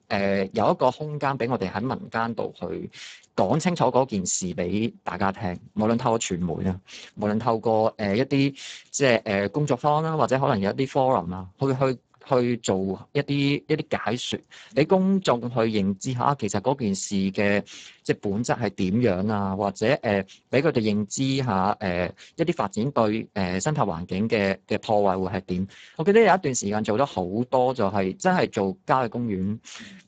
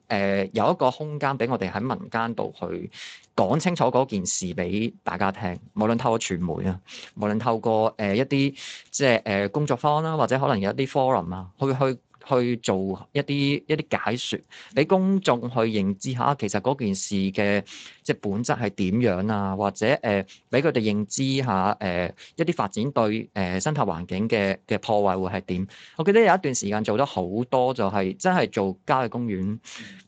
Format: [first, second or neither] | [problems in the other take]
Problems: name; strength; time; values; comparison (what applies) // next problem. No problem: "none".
second | garbled, watery; badly; nothing above 7.5 kHz; slightly in the second